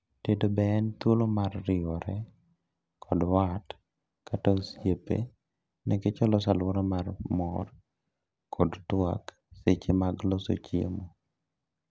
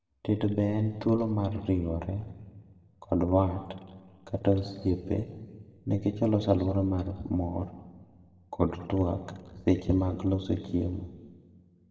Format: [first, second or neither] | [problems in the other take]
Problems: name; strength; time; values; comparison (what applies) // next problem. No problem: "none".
first | room echo; dies away in 1.3 s